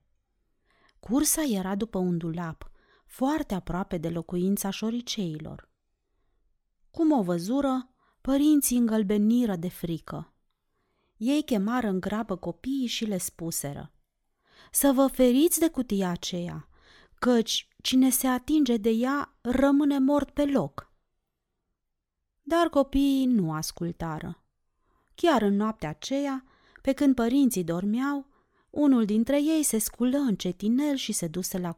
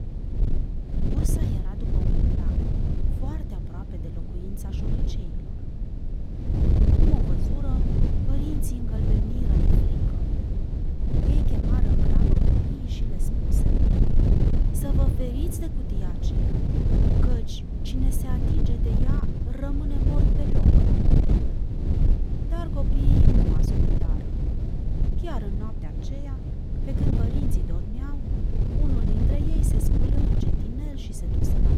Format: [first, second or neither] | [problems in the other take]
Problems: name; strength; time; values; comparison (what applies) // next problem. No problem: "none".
first | wind noise on the microphone; heavy; 5 dB above the speech